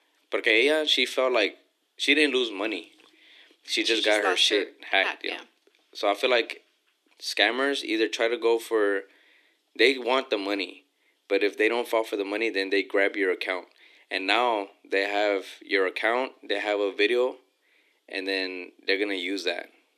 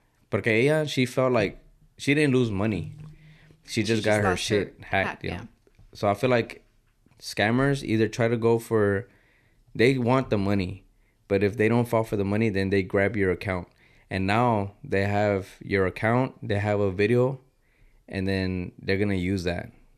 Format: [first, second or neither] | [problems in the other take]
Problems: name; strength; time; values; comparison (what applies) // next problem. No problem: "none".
second | thin; somewhat; fading below 300 Hz